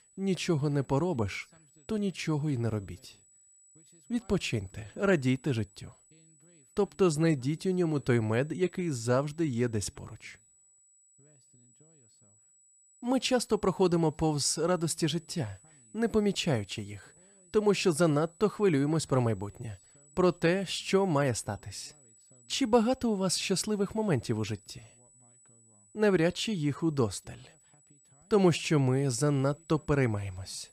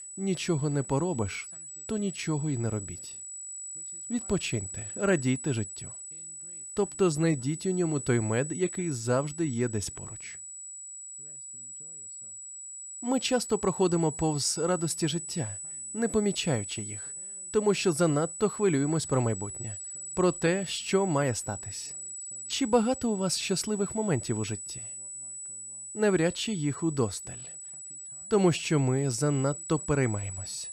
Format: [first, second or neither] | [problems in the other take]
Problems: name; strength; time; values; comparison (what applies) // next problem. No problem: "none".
first | high-pitched whine; loud; throughout; 8 kHz, 9 dB below the speech; faint in the first